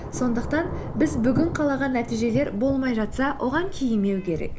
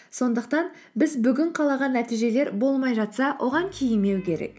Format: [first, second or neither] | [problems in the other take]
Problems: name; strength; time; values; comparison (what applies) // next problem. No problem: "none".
second | background sound (Thunder / Rain); 7 dB below the speech